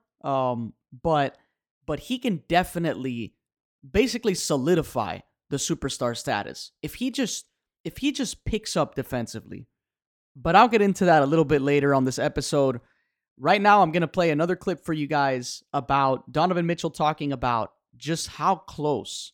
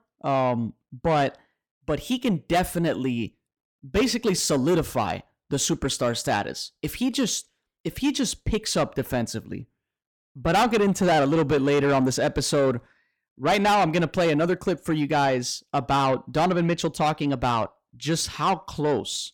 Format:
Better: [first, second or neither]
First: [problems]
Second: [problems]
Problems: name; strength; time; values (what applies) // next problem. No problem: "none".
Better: first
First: none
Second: distortion; heavy; 8 dB below the speech